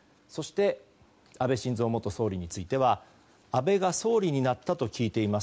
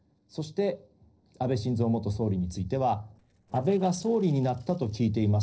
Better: first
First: none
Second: noise reduction (neural separator model SepFormer DNS4)

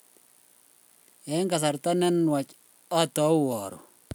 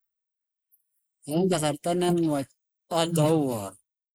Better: first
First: none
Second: noise reduction (neural mask model Resemble Enhance denoiser)

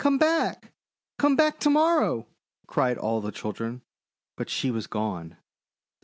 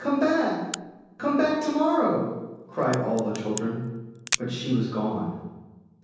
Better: first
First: none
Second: background sound (Crack); 12 dB below the speech // room echo; dies away in 1.1 s

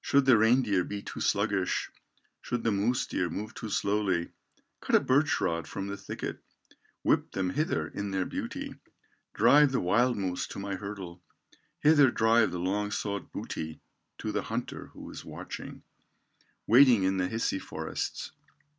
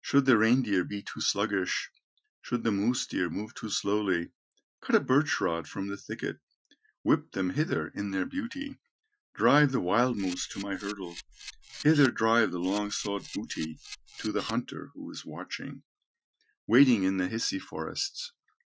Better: first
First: none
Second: noise reduction (classical method Wiener filter)

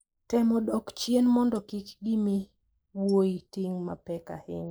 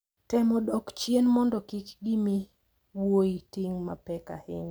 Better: second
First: noise reduction (neural mask model Resemble Enhance denoiser)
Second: none

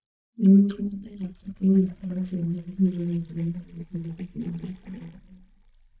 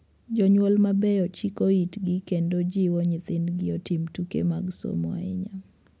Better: second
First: noise reduction (neural mask model DeepFilterNet 3)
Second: none

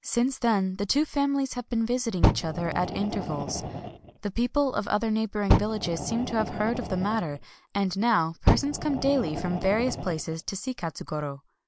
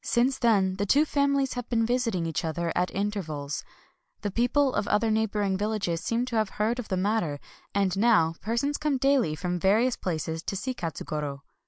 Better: second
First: background sound (Fire); 3 dB below the speech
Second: none

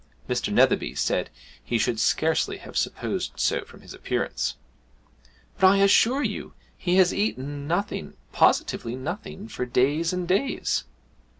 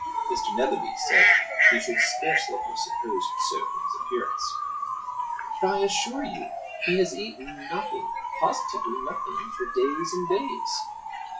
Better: first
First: none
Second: noise reduction (classical method WPE with log-MMSE)

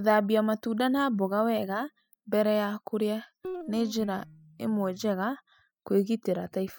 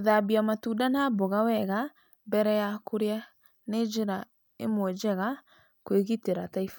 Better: second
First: noise reduction (classical method spectral subtraction)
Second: none

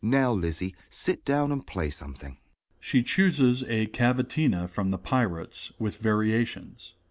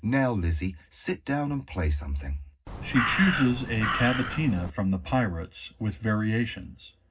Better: first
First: none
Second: background sound (Crow); 3 dB below the speech // room echo; dies away in 0.4 s

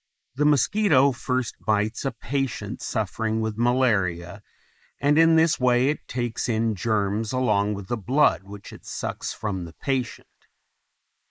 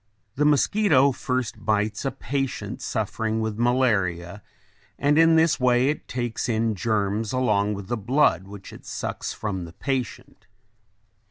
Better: second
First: noise reduction (neural mask model Resemble Enhance denoiser)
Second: none

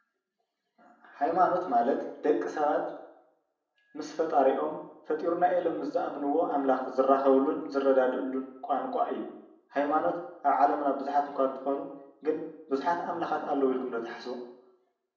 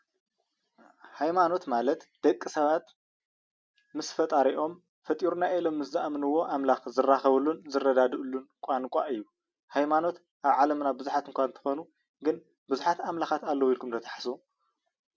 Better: second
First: room echo; dies away in 0.7 s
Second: none

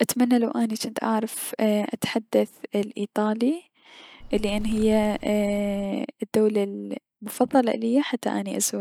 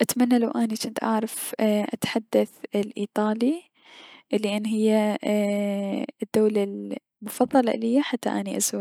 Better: second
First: background sound (Bird); 11 dB below the speech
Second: none

